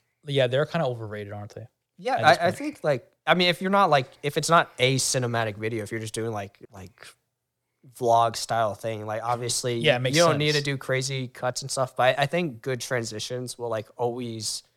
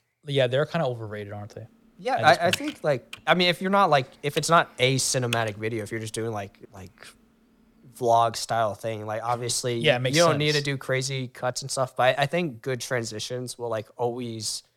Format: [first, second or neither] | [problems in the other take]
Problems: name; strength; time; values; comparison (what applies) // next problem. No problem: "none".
first | keyboard typing; noticeable; from 2.5 to 5.5 s; peak 5 dB below the speech